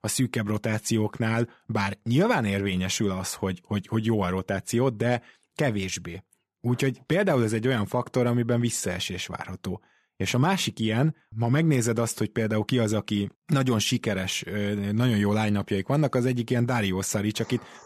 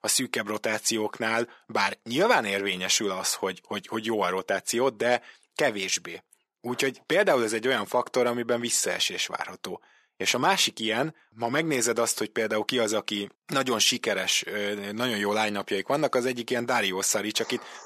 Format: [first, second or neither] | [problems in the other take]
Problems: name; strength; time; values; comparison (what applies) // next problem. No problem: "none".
first | thin; somewhat; fading below 450 Hz